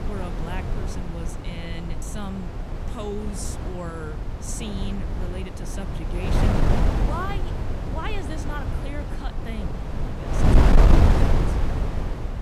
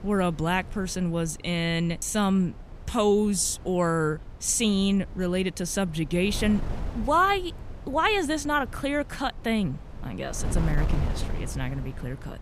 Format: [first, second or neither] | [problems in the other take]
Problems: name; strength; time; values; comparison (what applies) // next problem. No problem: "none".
second | wind noise on the microphone; heavy; 4 dB above the speech; occasional gusts in the second